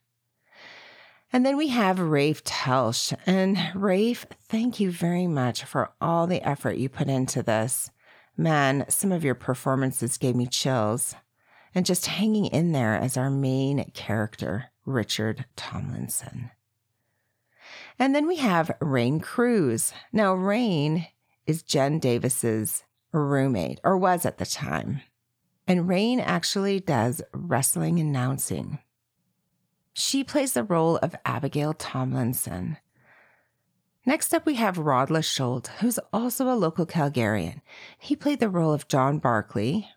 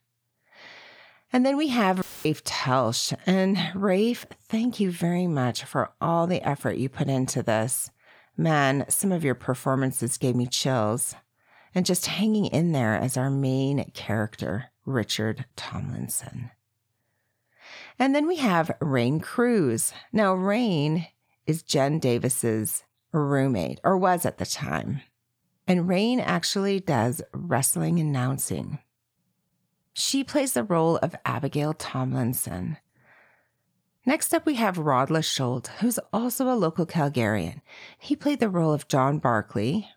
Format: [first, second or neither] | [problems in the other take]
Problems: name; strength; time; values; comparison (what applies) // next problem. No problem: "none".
first | audio cutting out; filled with static; at 2 s